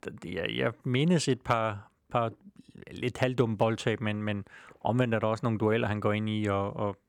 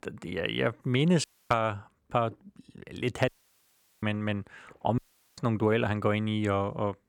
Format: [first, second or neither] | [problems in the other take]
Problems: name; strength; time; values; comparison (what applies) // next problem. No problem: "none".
first | audio cutting out; at 1 s, at 3.5 s for 0.5 s and at 5 s